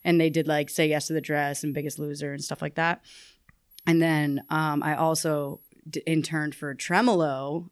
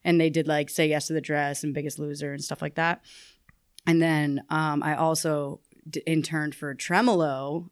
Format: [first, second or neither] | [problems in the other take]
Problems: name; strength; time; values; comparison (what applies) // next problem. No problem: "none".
second | high-pitched whine; faint; until 2 s and from 3.5 to 5.5 s; 11.5 kHz, 25 dB below the speech